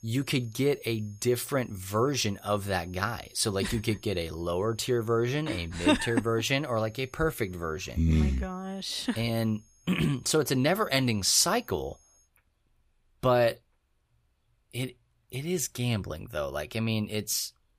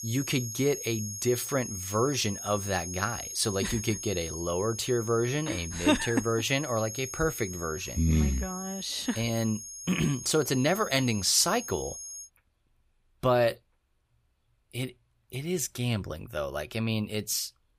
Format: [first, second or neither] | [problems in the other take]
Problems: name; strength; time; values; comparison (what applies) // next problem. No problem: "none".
first | high-pitched whine; loud; until 12 s; 6.5 kHz, 8 dB below the speech; faint in the first